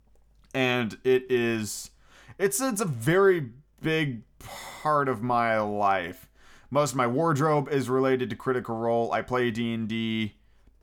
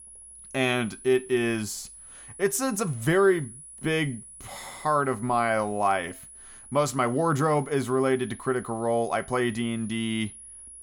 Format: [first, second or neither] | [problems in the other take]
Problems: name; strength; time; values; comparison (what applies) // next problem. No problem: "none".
first | high-pitched whine; noticeable; throughout; 10.5 kHz, 15 dB below the speech